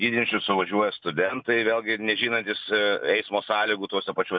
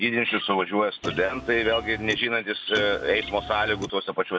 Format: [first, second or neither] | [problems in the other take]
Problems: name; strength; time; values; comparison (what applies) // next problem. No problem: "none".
first | background sound (Bird vocalization, bird call, bird song + Car); 12 dB below the speech